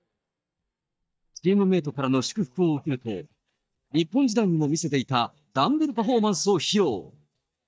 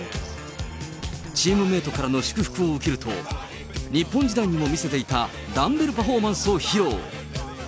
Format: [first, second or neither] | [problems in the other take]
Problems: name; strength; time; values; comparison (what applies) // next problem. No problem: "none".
second | noise reduction (neural mask model DeepFilterNet 3)